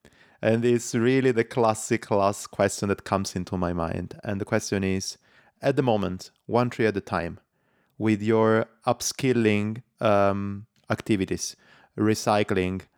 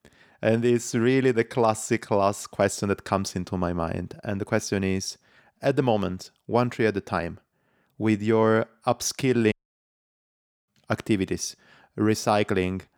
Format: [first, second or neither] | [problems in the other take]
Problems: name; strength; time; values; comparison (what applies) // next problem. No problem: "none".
first | audio cutting out; at 9.5 s for 1 s